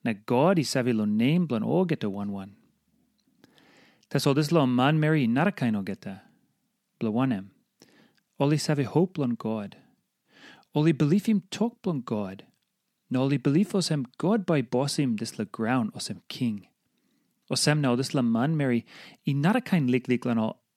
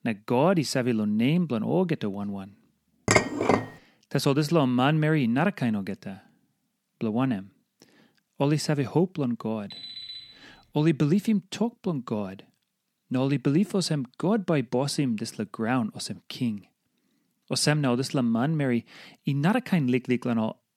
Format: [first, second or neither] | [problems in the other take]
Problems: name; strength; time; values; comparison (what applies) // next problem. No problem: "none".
first | clattering dishes; loud; at 3 s; peak 4 dB above the speech // alarm; faint; at 9.5 s; peak 10 dB below the speech